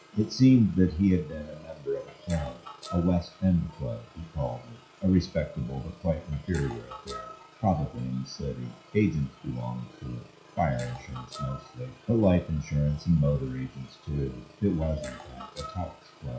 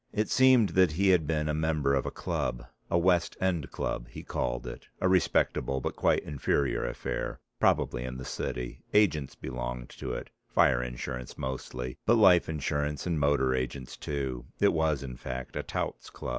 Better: second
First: noise reduction (classical method WPE with log-MMSE)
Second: none

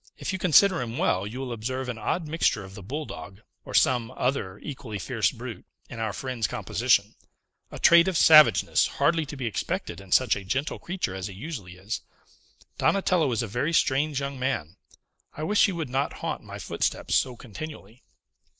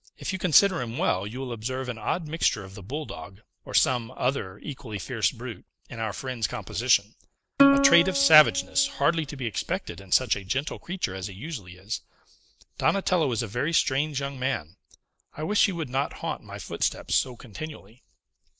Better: first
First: none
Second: background sound (Plucked string instrument); as loud as the speech

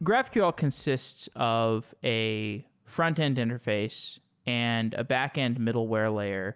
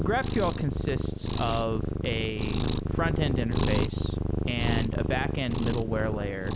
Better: first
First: none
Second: background sound (Cat); 3 dB above the speech

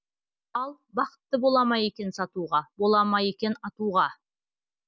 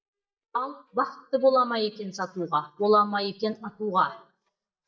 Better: first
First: none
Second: noise reduction (neural mask model DeepFilterNet 3)

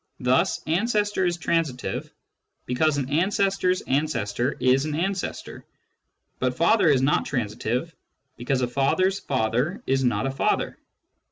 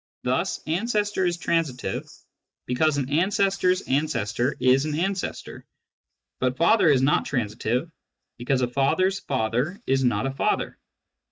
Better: first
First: none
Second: noise reduction (neural mask model DeepFilterNet 3)

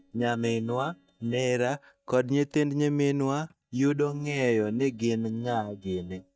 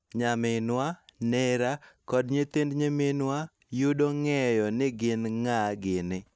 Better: second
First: noise reduction (neural mask model DeepFilterNet 3)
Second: none

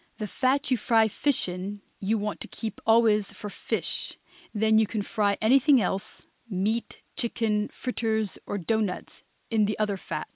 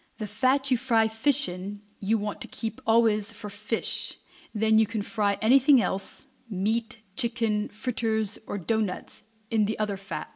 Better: first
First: none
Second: room echo; dies away in 0.4 s

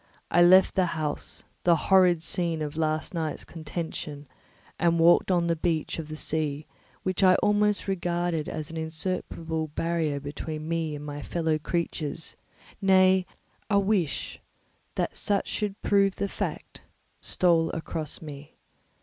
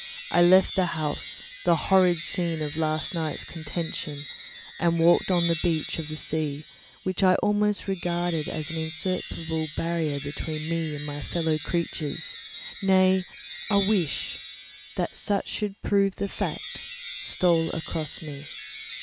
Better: first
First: none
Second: background sound (Wind chime); 13 dB below the speech

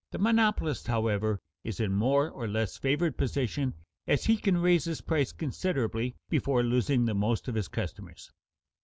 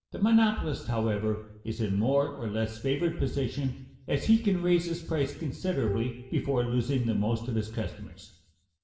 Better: first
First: none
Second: background sound (Bowed string instrument); 10 dB below the speech // room echo; dies away in 0.8 s

